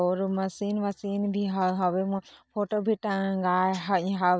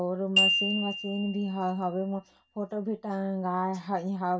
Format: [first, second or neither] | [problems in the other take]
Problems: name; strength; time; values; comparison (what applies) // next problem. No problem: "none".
first | background sound (Glockenspiel); 2 dB below the speech // room echo; dies away in 0.2 s